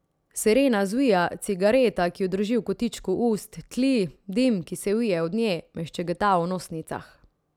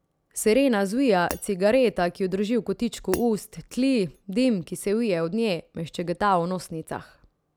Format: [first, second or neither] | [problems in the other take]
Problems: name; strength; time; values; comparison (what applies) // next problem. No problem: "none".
first | background sound (Shatter); 18 dB below the speech